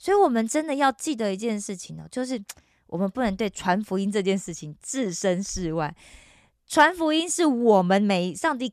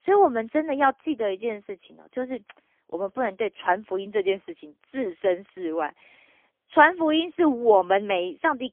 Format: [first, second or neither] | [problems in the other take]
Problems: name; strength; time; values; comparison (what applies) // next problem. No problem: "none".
first | phone-call audio; poor line; nothing above 3.5 kHz